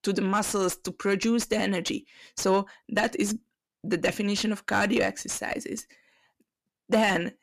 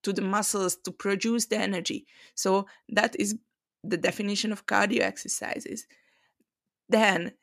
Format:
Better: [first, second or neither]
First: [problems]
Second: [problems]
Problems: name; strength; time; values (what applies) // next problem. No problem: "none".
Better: second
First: distortion; slight; 10 dB below the speech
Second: none